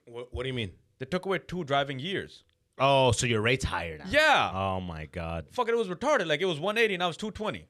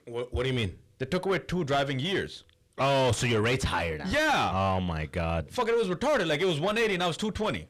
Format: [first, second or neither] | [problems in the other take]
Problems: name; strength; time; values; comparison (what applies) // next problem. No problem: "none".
first | distortion; heavy; 6 dB below the speech